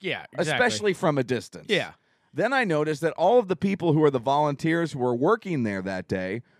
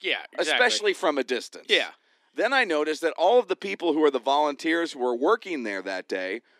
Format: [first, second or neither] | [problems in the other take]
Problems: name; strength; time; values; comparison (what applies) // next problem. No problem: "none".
first | thin; somewhat; fading below 250 Hz